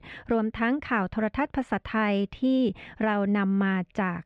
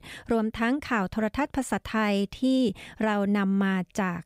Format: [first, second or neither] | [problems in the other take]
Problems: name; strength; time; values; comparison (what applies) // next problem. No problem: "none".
second | muffled; slightly; fading above 2.5 kHz